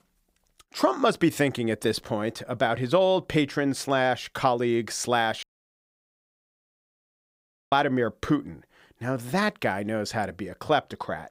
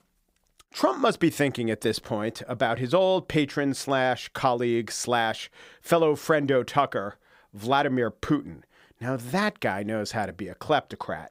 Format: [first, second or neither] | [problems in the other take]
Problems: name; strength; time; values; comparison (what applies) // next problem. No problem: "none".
second | audio cutting out; at 5.5 s for 2.5 s